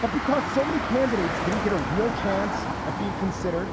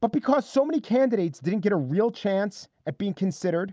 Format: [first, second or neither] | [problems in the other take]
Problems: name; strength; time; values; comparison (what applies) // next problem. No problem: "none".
second | background sound (Motor vehicle (road)); 2 dB below the speech